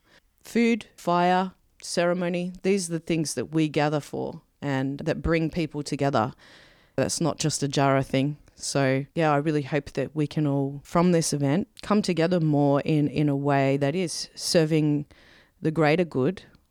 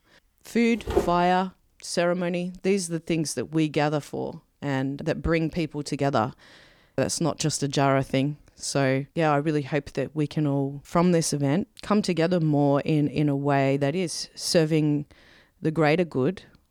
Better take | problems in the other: first | footsteps; noticeable; at 1 s; peak 2 dB below the speech

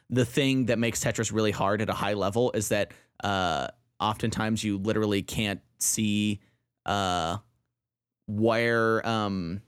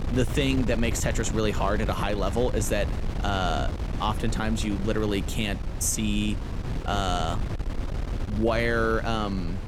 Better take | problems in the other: first | wind noise on the microphone; occasional gusts; 10 dB below the speech

